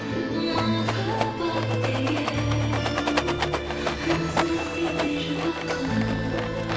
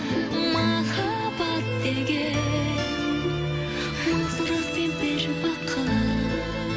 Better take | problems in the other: second | background sound (Rattle); 5 dB below the speech // room echo; dies away in 0.8 s

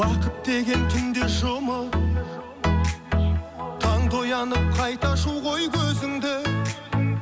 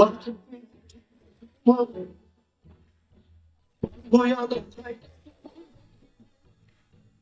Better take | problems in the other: first | noise reduction (neural mask model DeepFilterNet 3)

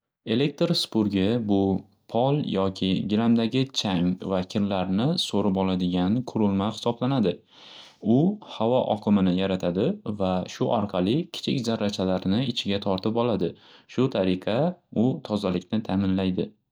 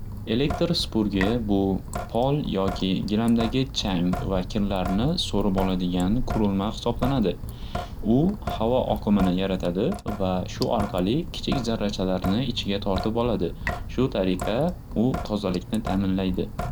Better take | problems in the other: first | background sound (Drip / Sink (filling or washing)); 7 dB below the speech

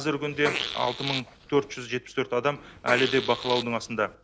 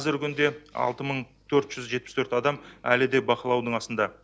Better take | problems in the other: second | background sound (Fart); 7 dB below the speech

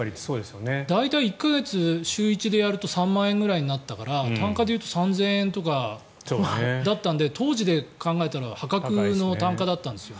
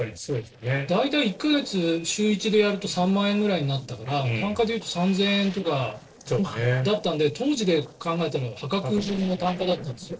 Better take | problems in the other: first | noise reduction (neural separator model SepFormer DNS4)

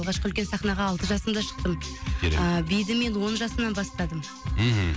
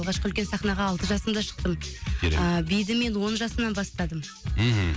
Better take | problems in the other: second | background sound (Organ); 17 dB below the speech

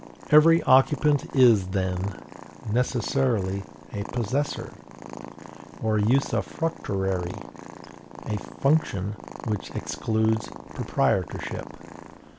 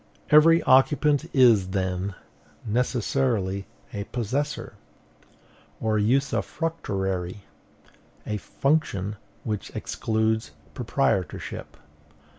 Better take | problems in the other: second | background sound (Purr); 15 dB below the speech

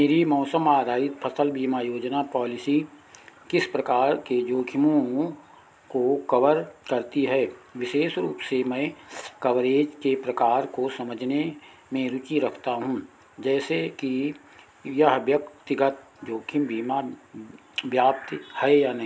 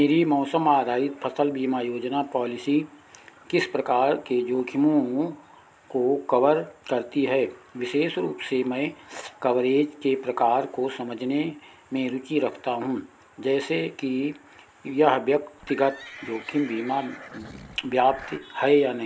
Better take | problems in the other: first | background sound (Livestock, farm animals, working animals); 18 dB below the speech

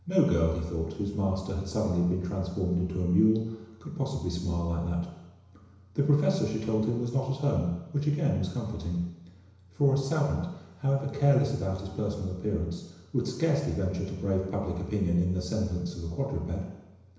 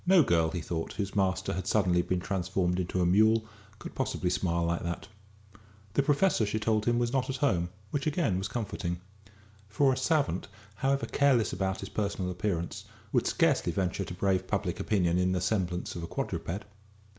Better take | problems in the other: second | room echo; dies away in 1 s

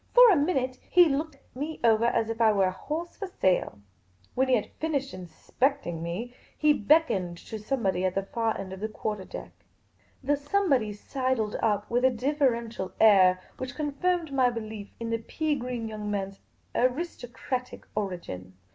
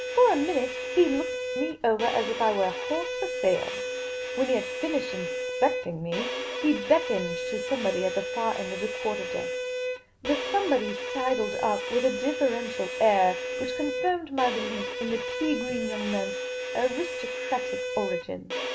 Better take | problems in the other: first | background sound (Bowed string instrument); 4 dB below the speech

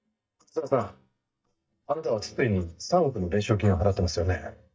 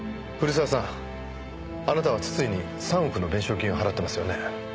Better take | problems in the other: second | noise reduction (neural mask model DeepFilterNet 3)

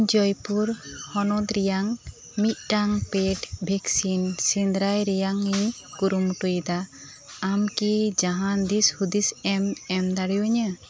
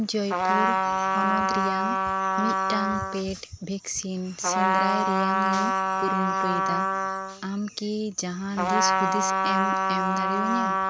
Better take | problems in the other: first | background sound (Trumpet); 5 dB above the speech

